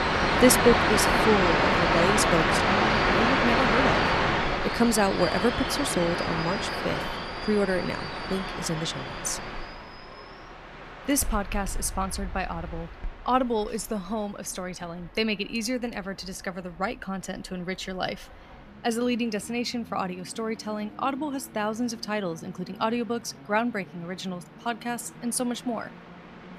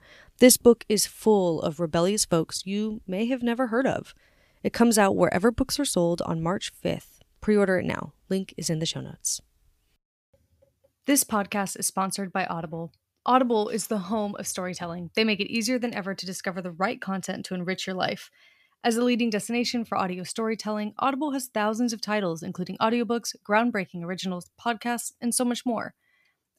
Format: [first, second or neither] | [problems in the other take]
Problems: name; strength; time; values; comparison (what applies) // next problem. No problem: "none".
second | train or aircraft noise; very loud; throughout; 3 dB above the speech